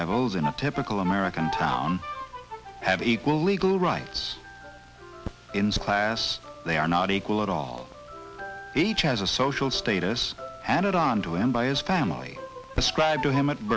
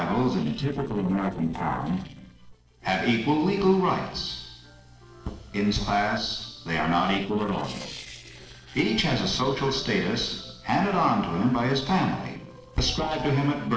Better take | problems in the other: first | noise reduction (neural separator model SepFormer DNS4)

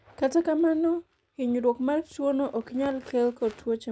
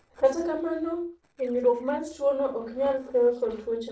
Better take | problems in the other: first | noise reduction (neural separator model SepFormer DNS4)

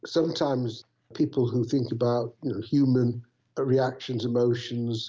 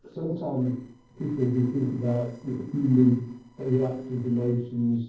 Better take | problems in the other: first | noise reduction (neural separator model SepFormer DNS4)

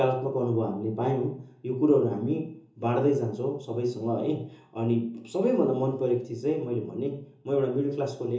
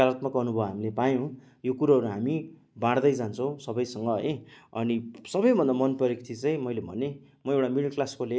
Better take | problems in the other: second | room echo; dies away in 0.6 s

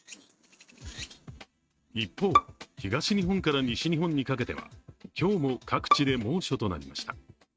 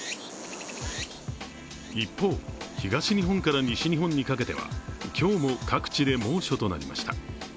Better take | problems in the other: second | noise reduction (neural mask model RNNoise)

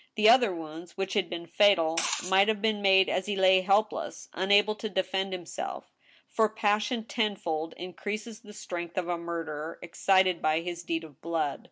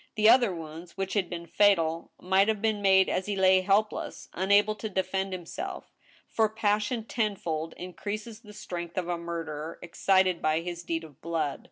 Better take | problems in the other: second | background sound (Liquid); 6 dB below the speech

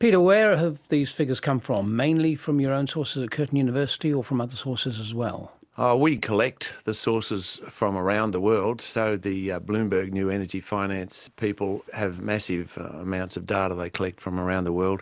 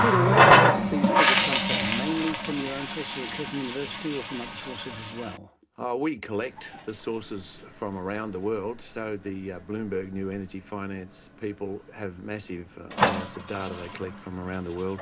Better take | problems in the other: first | background sound (Water tap, faucet); 5 dB above the speech // room echo; dies away in 0.3 s

